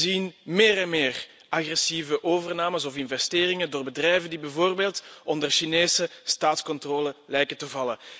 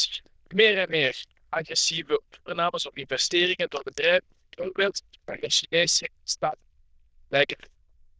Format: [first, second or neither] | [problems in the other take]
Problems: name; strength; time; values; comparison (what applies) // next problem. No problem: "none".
first | noise reduction (neural diffusion model UNIVERSE++)